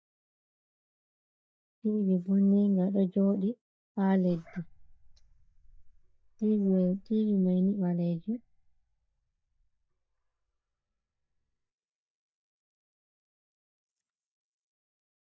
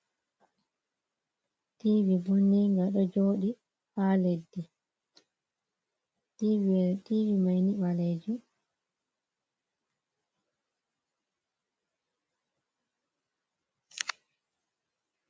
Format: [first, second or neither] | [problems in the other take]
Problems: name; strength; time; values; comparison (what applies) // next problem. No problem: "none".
second | noise reduction (neural mask model DeepFilterNet 3)